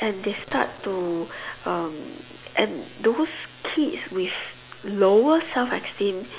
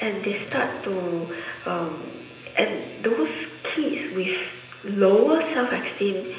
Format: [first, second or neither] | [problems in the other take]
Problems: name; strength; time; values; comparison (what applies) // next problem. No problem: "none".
first | room echo; dies away in 0.9 s